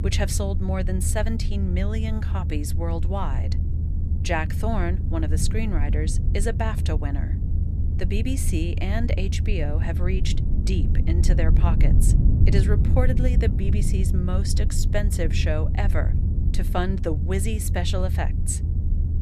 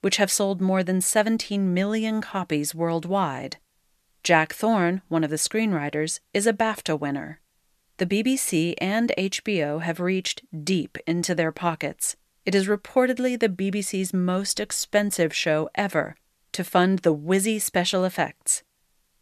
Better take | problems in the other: second | low rumble; loud; throughout; 7 dB below the speech

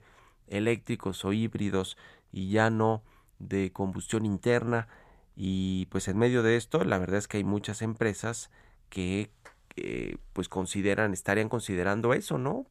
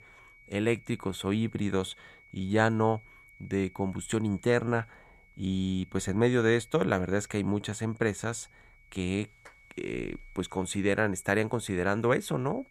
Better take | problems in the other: first | high-pitched whine; faint; throughout; 2 kHz, 25 dB below the speech

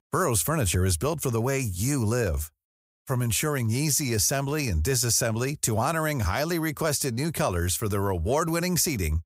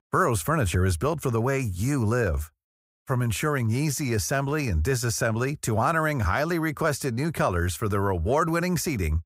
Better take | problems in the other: first | muffled; slightly; fading above 3 kHz

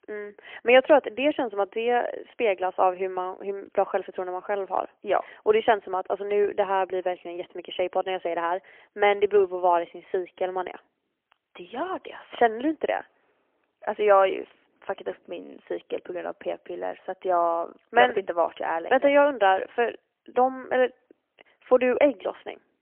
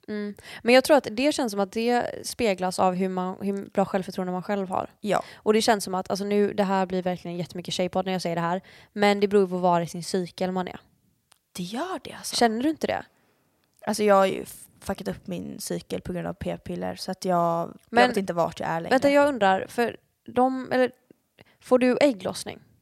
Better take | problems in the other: second | phone-call audio; poor line; nothing above 3 kHz

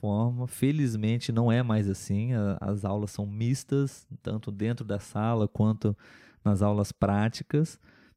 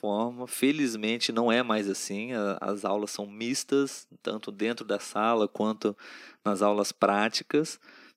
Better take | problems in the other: first | thin; somewhat; fading below 250 Hz

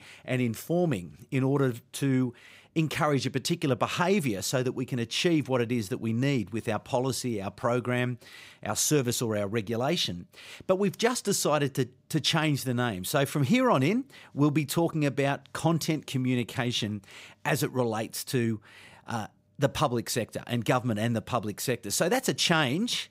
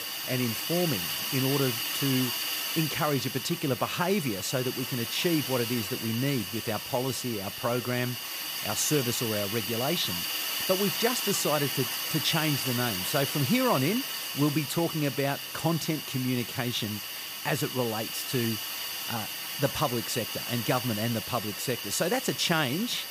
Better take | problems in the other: first | hiss; loud; throughout; 2 dB below the speech

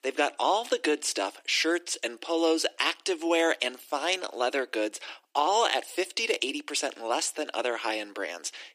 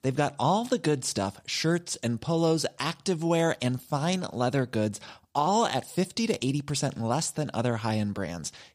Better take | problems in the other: second | thin; very; fading below 300 Hz

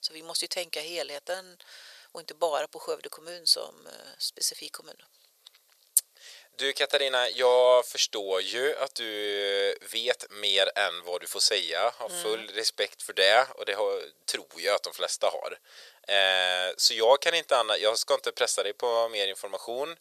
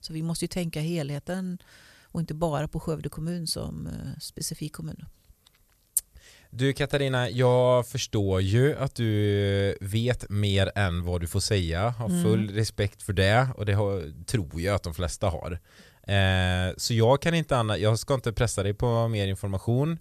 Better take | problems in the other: second | thin; very; fading below 500 Hz

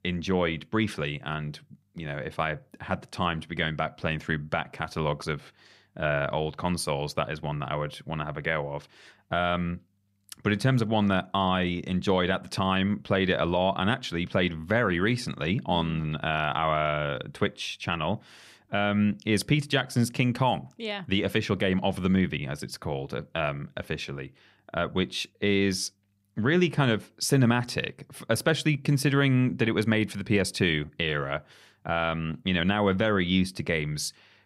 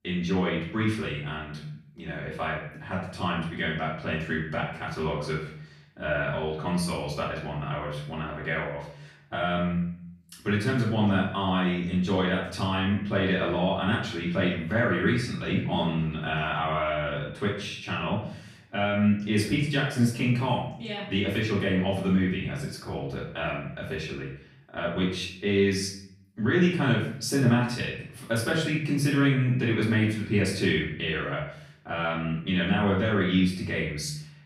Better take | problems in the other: first | off-mic speech; far // room echo; noticeable; dies away in 0.6 s

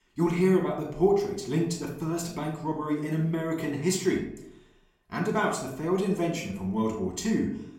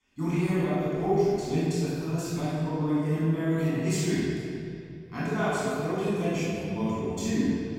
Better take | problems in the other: first | room echo; strong; dies away in 2.7 s; slight in the first // off-mic speech; far; somewhat distant in the first

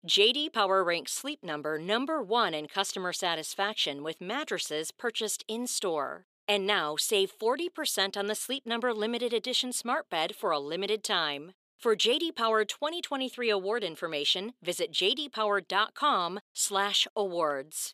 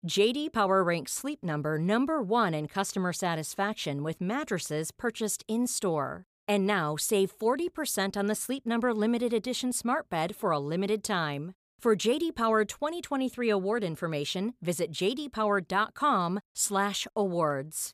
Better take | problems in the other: second | thin; somewhat; fading below 350 Hz

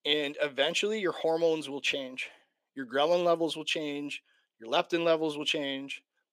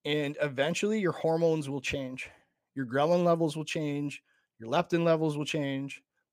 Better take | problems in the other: second | thin; very slightly; fading below 350 Hz

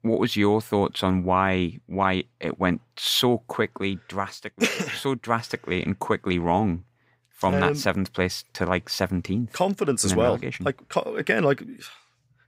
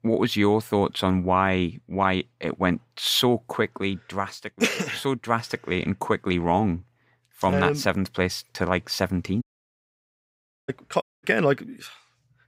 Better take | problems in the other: first | audio cutting out; at 9.5 s for 1.5 s and at 11 s

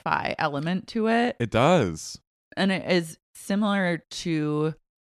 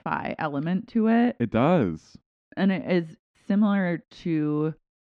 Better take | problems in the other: first | muffled; slightly; fading above 2.5 kHz

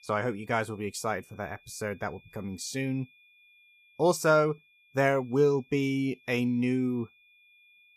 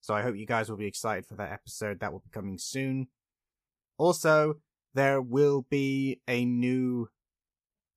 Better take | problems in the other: second | high-pitched whine; faint; throughout; 2.5 kHz, 30 dB below the speech

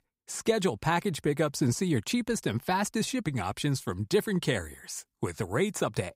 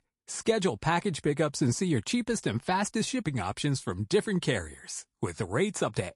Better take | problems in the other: first | garbled, watery; slightly

